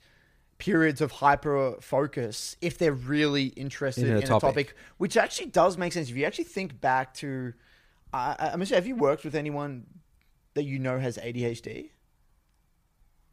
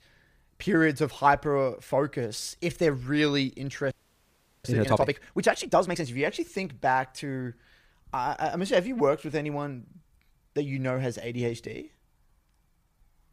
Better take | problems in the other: first | audio freezing; at 4 s for 0.5 s

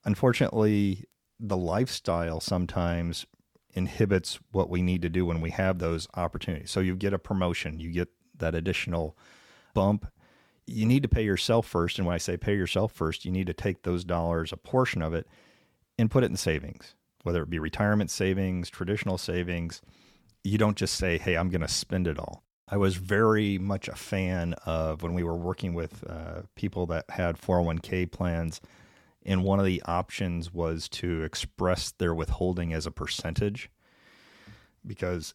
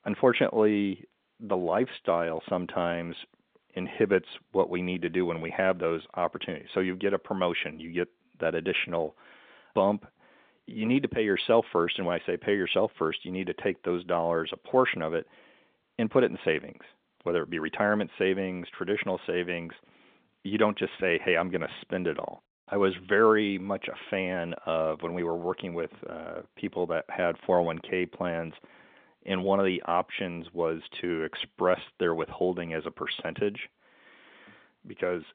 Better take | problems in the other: first | phone-call audio

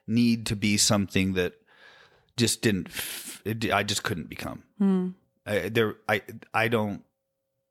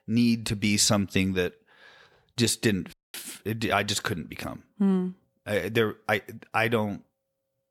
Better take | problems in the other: first | audio cutting out; at 3 s

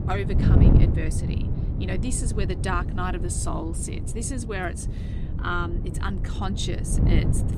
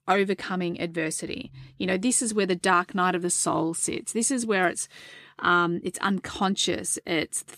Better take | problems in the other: second | wind noise on the microphone; heavy; 5 dB below the speech

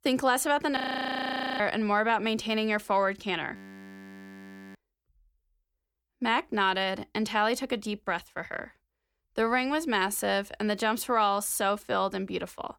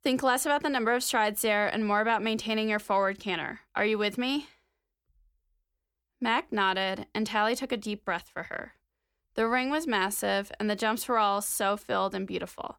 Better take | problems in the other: second | audio freezing; at 1 s for 1 s and at 3.5 s for 1 s

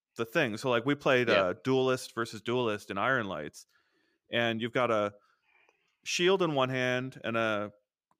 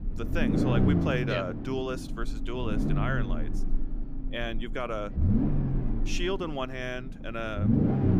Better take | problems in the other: first | low rumble; loud; throughout; 2 dB below the speech

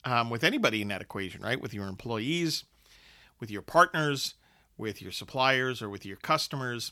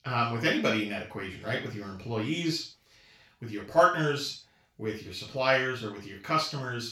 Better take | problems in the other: first | room echo; noticeable; dies away in 0.3 s // off-mic speech; far

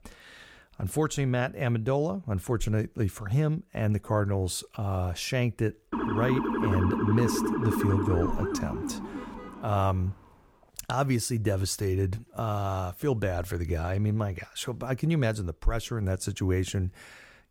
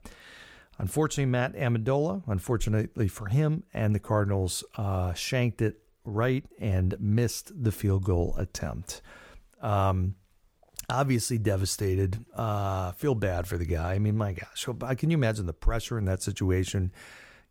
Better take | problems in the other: second | siren; loud; from 6 to 10 s; peak 1 dB above the speech

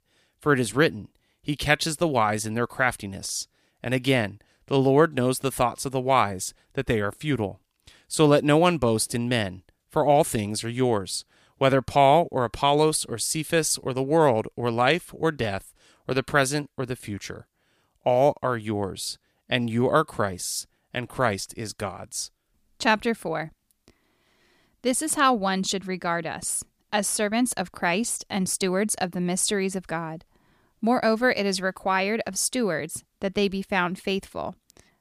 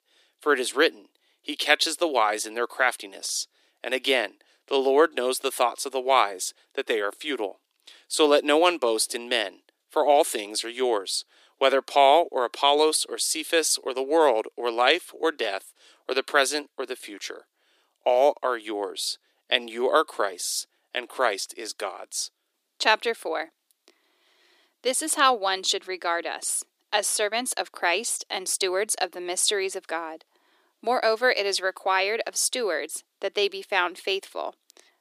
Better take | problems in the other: first | thin; somewhat; fading below 300 Hz

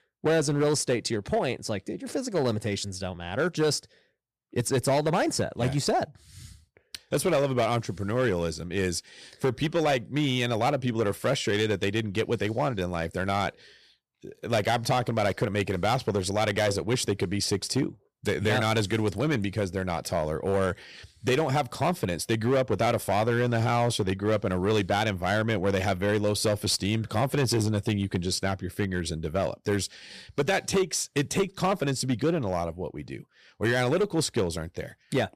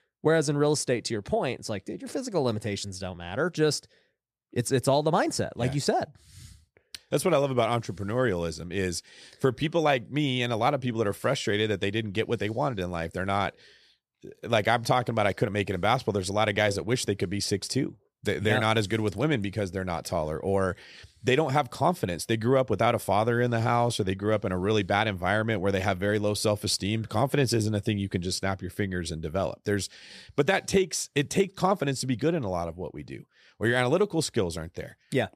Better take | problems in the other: second | distortion; slight; 7% of the sound clipped

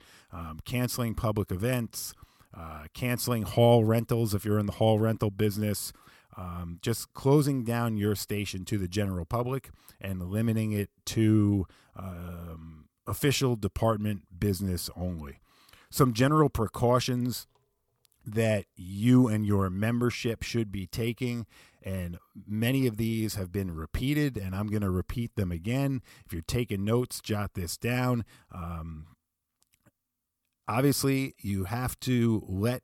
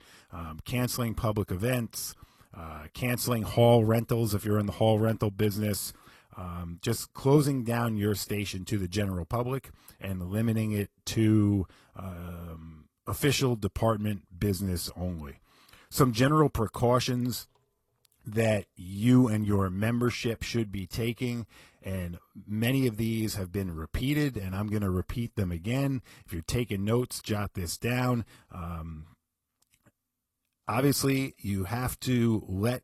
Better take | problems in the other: first | garbled, watery; slightly; nothing above 13 kHz

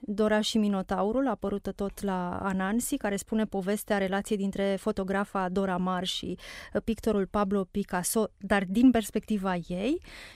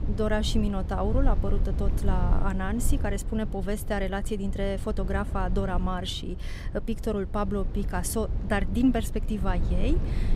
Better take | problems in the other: first | low rumble; noticeable; throughout; 15 dB below the speech

